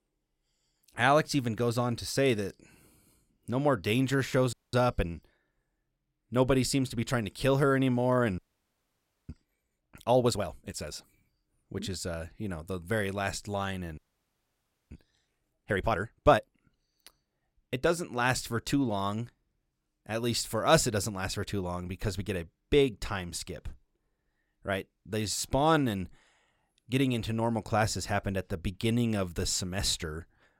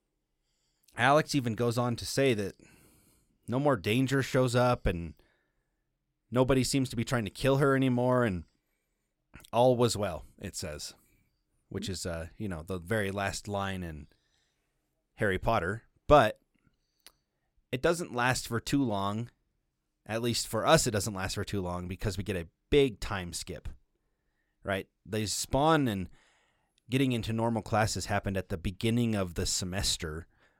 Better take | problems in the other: second | audio freezing; at 4.5 s, at 8.5 s for 1 s and at 14 s for 1 s

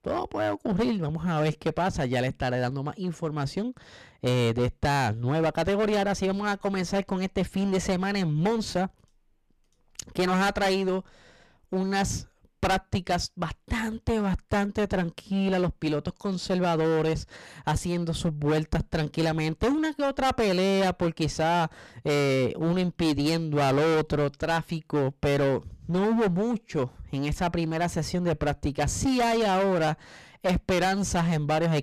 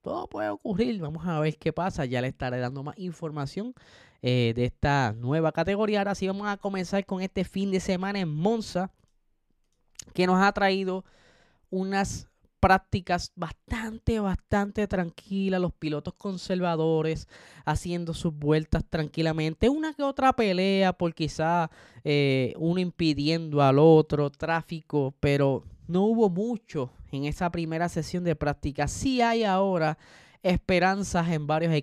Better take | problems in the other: second | distortion; heavy; 17% of the sound clipped

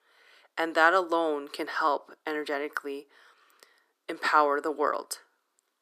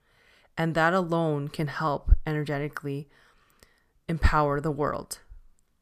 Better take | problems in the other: second | thin; very; fading below 300 Hz

